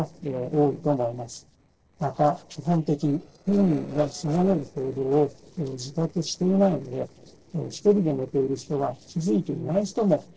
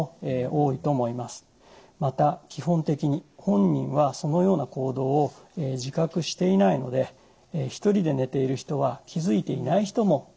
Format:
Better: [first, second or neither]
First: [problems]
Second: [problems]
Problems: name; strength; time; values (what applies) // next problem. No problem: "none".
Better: second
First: noise reduction (neural separator model SepFormer DNS4)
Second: none